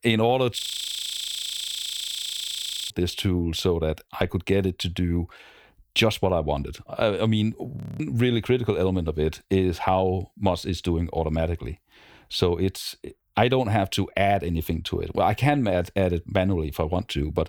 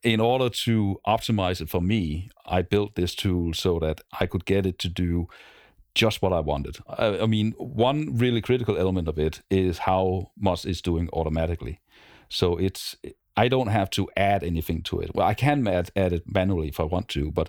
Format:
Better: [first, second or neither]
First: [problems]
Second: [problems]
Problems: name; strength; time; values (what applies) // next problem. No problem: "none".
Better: second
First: audio freezing; at 0.5 s for 2.5 s and at 8 s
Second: none